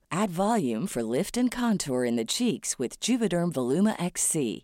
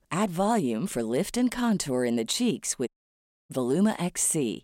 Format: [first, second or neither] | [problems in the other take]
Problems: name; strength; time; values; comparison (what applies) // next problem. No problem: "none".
first | audio cutting out; at 3 s for 0.5 s